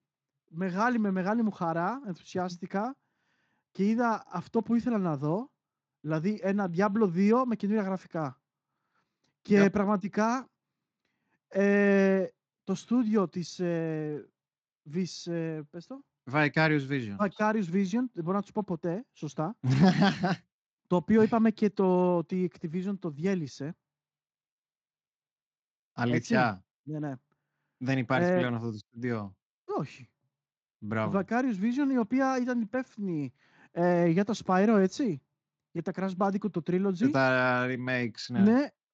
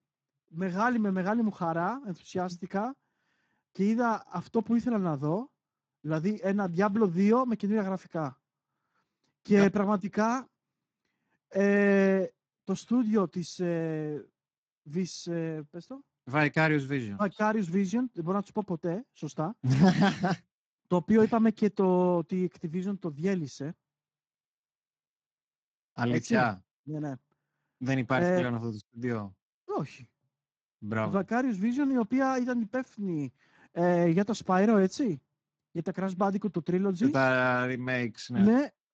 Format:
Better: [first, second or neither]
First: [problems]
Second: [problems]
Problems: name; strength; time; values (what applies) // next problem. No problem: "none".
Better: first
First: garbled, watery; slightly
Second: garbled, watery; badly